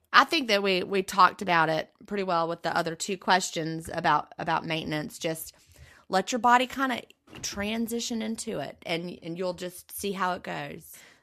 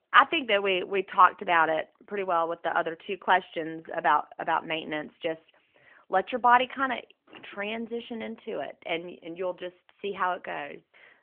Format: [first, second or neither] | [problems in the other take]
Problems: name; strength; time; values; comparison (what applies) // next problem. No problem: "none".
first | phone-call audio; nothing above 3 kHz